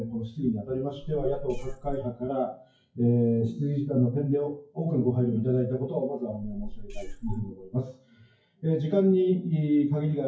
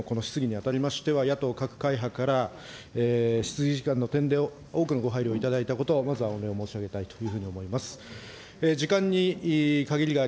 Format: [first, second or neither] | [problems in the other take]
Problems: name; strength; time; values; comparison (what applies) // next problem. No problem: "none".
second | noise reduction (classical method WPE with log-MMSE)